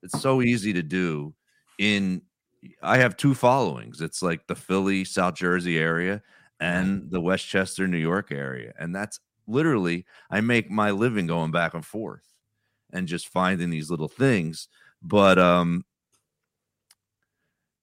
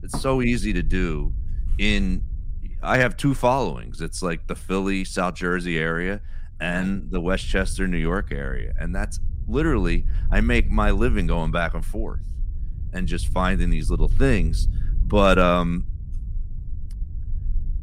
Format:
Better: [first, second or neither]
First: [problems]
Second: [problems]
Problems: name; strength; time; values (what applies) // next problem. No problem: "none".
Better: first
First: none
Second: low rumble; faint; throughout; 25 dB below the speech